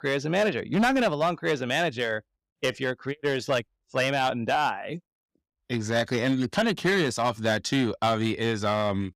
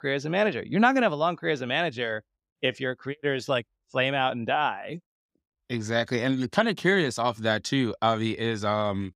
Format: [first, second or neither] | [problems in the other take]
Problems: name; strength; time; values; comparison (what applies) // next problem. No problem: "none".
second | distortion; slight; 6% of the sound clipped